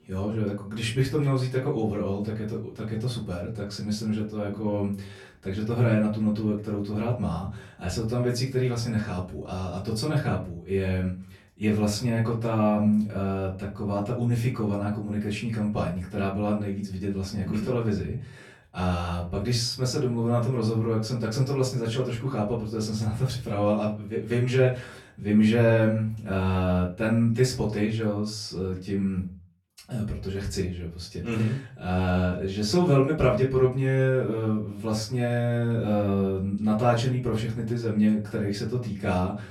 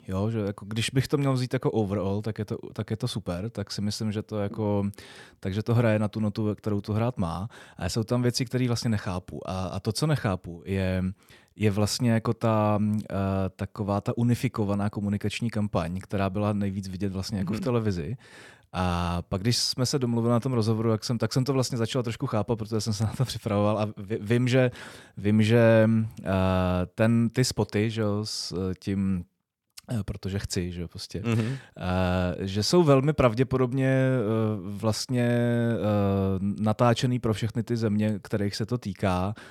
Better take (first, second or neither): second